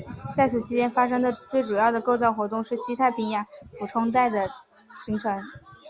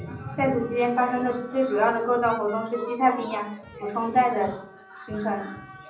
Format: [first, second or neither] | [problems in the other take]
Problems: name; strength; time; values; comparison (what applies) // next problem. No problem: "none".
first | background sound (Wind instrument, woodwind instrument); 20 dB below the speech // room echo; dies away in 0.6 s